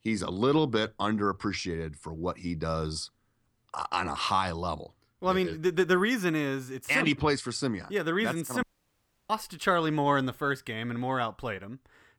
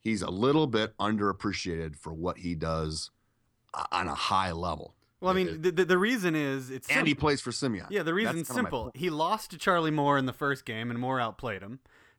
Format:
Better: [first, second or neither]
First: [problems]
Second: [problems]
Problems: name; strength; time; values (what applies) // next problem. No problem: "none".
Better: second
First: audio cutting out; at 8.5 s for 0.5 s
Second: none